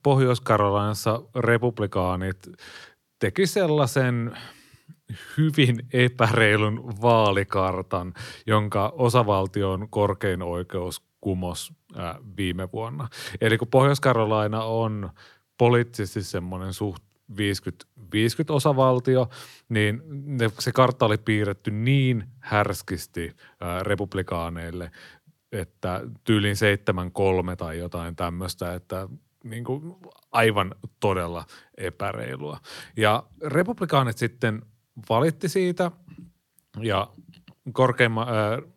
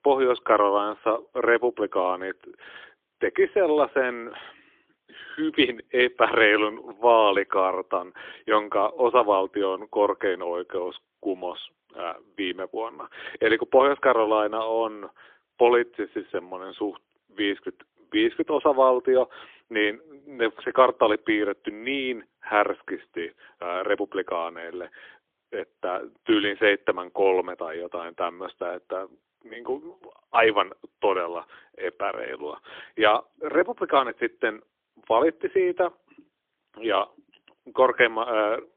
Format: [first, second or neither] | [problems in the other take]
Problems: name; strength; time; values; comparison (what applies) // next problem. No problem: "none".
first | phone-call audio; poor line; nothing above 3.5 kHz